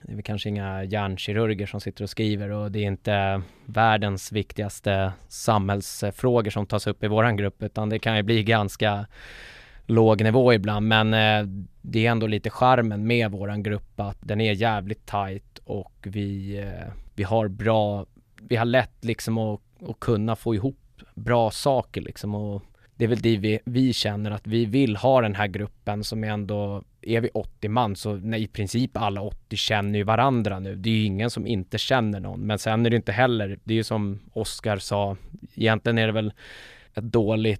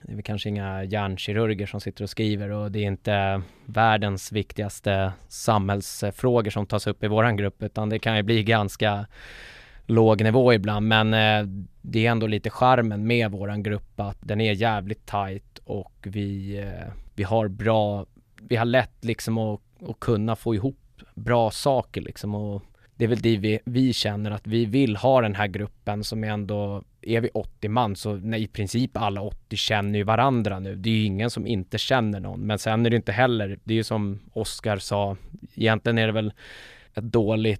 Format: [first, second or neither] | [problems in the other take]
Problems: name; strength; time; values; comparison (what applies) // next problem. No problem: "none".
neither | none